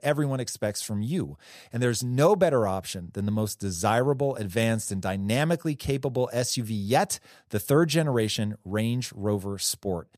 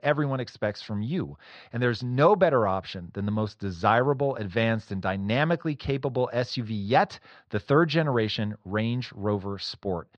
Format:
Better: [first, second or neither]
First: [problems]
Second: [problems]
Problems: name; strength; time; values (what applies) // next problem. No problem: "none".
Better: first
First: none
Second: muffled; slightly; fading above 4.5 kHz